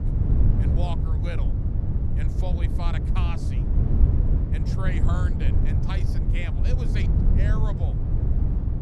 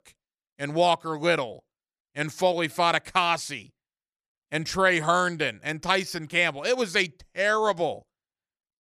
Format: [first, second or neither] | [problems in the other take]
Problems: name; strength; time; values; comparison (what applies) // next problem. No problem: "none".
second | wind noise on the microphone; heavy; as loud as the speech